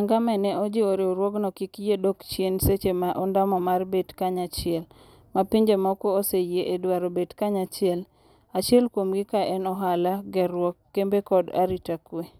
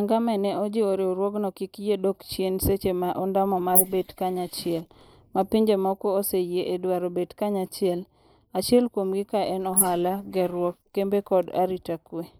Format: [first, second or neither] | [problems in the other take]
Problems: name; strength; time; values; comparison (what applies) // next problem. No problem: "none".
first | noise reduction (neural mask model Resemble Enhance denoiser)